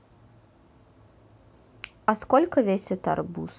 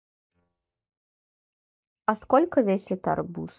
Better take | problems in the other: first | noise reduction (neural mask model DeepFilterNet 3)

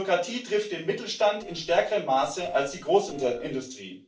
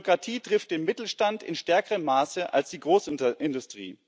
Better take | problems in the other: second | noise reduction (neural separator model SepFormer DNS4)

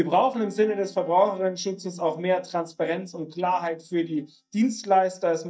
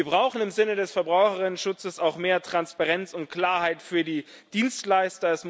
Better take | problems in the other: second | noise reduction (neural mask model DeepFilterNet 3)

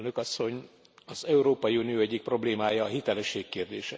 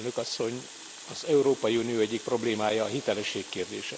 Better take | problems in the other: first | background sound (Water tap, faucet); 15 dB below the speech

